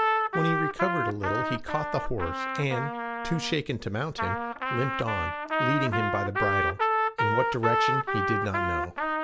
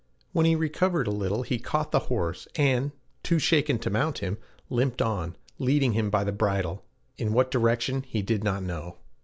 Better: second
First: background sound (Trumpet); 2 dB above the speech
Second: none

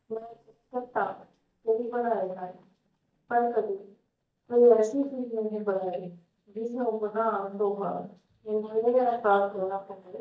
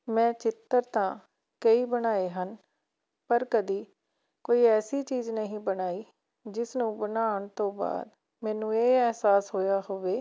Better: second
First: noise reduction (neural mask model DeepFilterNet 3)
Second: none

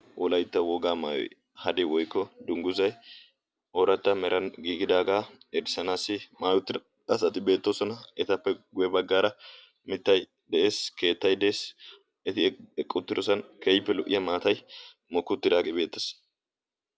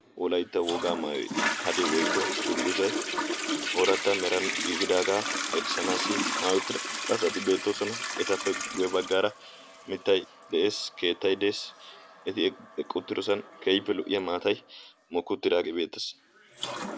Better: first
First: none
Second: background sound (Toilet flush); 4 dB below the speech

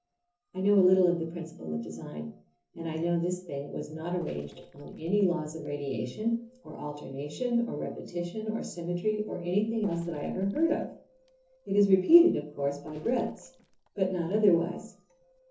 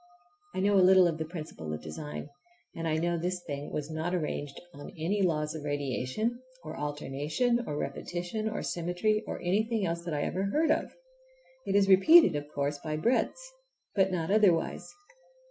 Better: second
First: noise reduction (neural separator model SepFormer DNS4)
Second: none

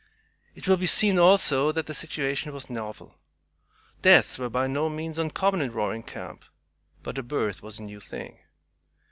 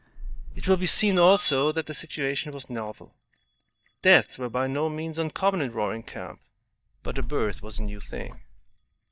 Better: first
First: none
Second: noise reduction (neural mask model DeepFilterNet 3)

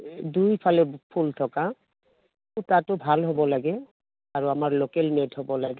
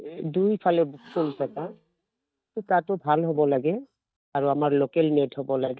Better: first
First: none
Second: noise reduction (neural mask model DeepFilterNet 3)

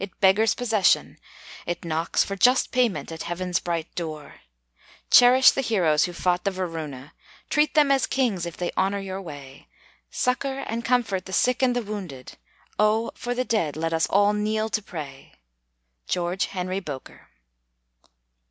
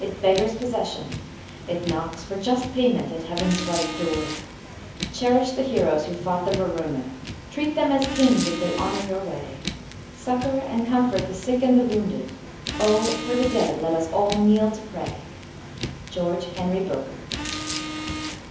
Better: first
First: none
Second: background sound (Car); 9 dB below the speech // room echo; dies away in 0.7 s

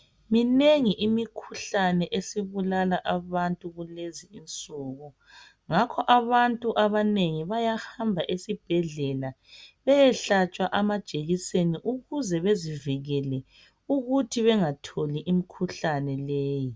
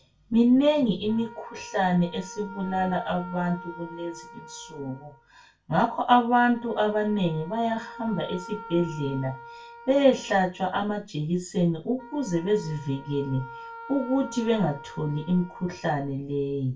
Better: first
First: none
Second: background sound (Wind instrument, woodwind instrument); 18 dB below the speech // room echo; dies away in 0.2 s

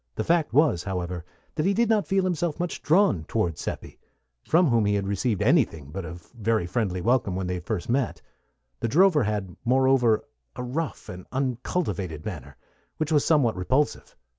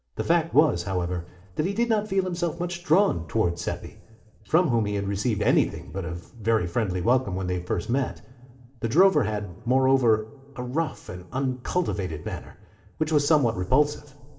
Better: first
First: none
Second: room echo; dies away in 1.8 s

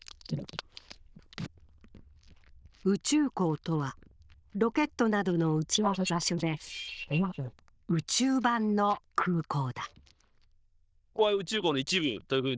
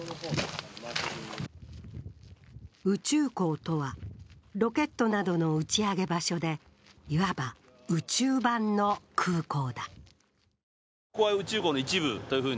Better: second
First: noise reduction (neural diffusion model UNIVERSE++)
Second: none

